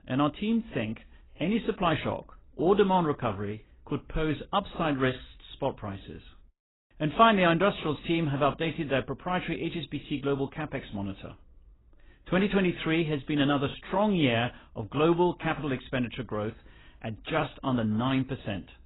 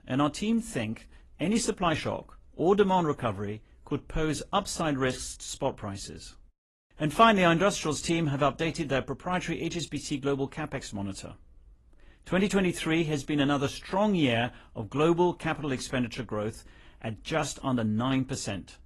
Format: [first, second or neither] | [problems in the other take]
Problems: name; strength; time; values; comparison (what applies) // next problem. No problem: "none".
second | garbled, watery; badly; nothing above 4 kHz; slightly in the second